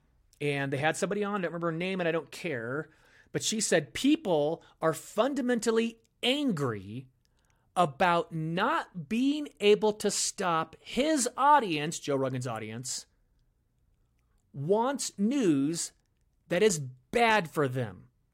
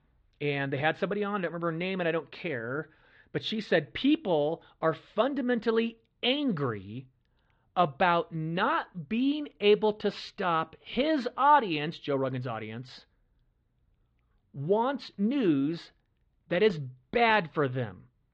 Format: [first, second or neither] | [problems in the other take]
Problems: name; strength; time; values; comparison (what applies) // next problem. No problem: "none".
first | muffled; slightly; fading above 4 kHz